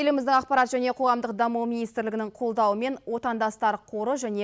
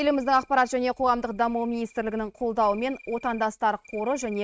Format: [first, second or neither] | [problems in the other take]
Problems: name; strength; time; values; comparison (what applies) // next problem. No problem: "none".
first | noise reduction (neural mask model RNNoise)